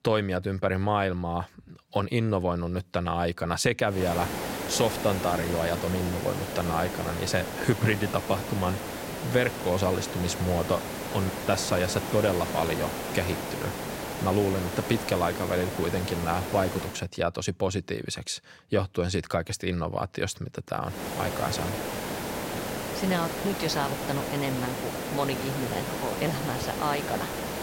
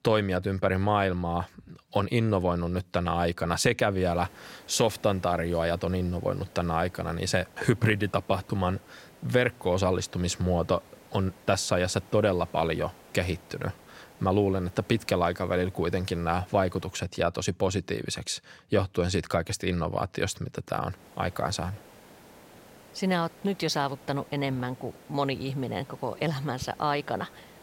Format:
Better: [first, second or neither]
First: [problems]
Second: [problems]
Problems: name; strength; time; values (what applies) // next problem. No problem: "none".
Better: second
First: hiss; loud; from 4 to 17 s and from 21 s on; 4 dB below the speech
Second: hiss; faint; from 4 to 17 s and from 21 s on; 25 dB below the speech